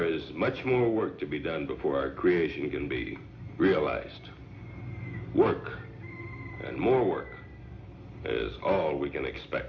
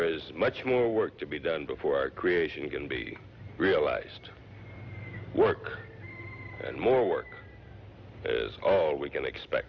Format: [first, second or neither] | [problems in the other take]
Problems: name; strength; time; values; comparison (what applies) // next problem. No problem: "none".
second | room echo; dies away in 0.4 s